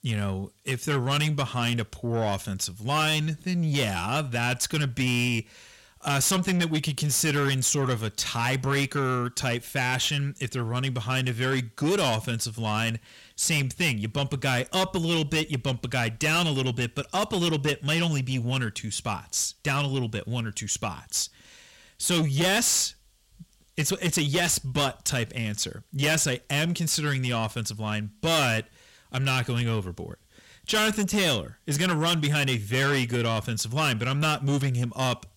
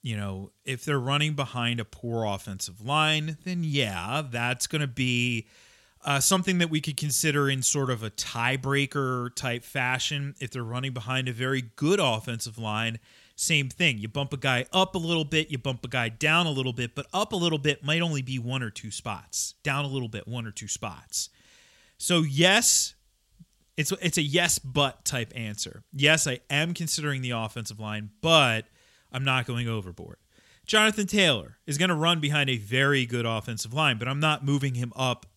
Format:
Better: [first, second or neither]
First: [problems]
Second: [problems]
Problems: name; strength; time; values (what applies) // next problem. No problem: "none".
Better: second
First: distortion; heavy; 7 dB below the speech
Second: none